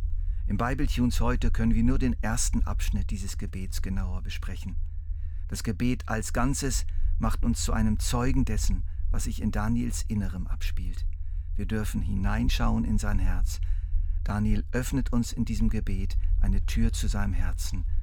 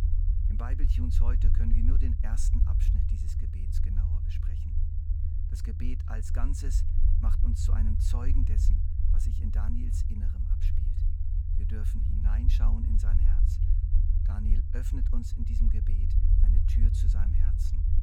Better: first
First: low rumble; faint; throughout; 20 dB below the speech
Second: low rumble; loud; throughout; as loud as the speech

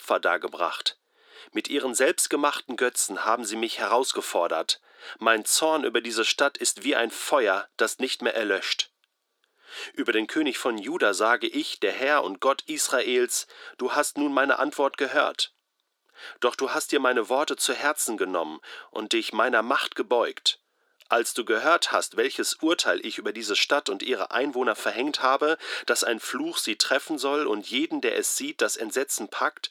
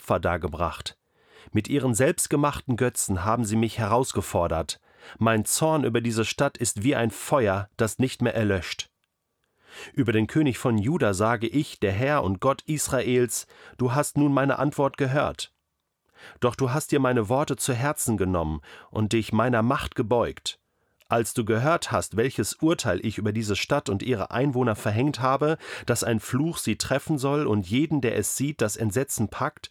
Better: second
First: thin; somewhat; fading below 300 Hz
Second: none

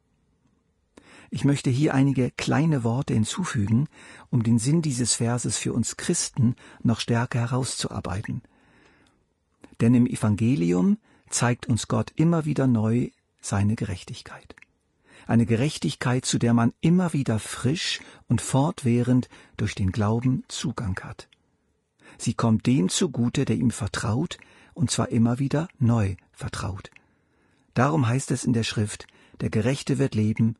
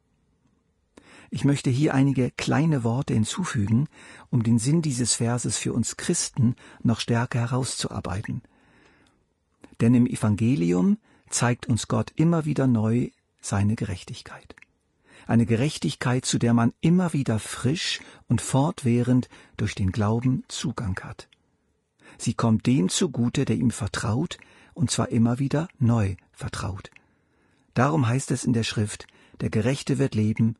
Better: neither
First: garbled, watery; slightly; nothing above 10 kHz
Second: garbled, watery; slightly; nothing above 10 kHz

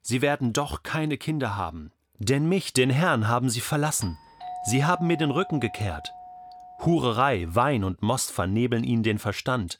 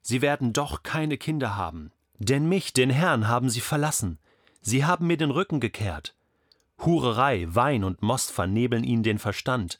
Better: second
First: doorbell; faint; from 4 to 7.5 s; peak 10 dB below the speech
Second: none

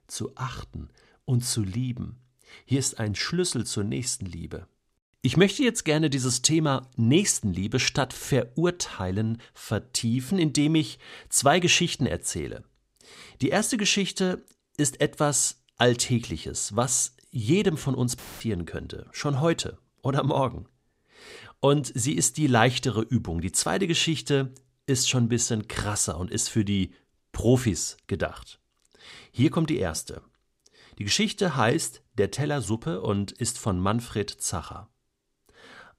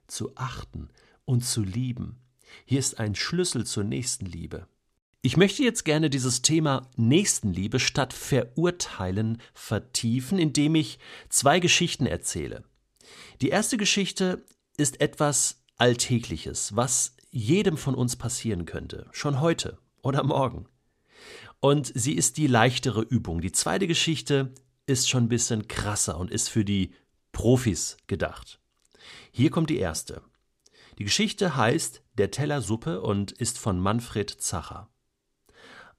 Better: second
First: audio cutting out; filled with static; at 18 s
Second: none

